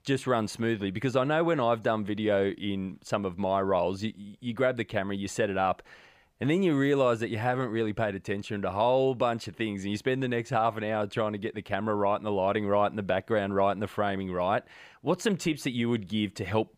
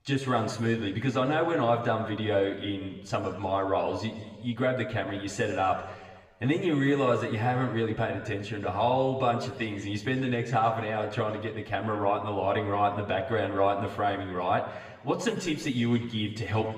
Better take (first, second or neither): first